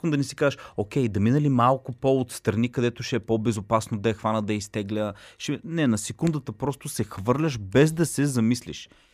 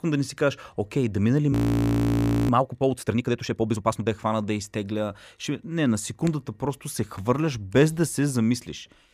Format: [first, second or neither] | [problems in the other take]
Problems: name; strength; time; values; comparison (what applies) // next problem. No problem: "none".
first | audio freezing; at 1.5 s for 1 s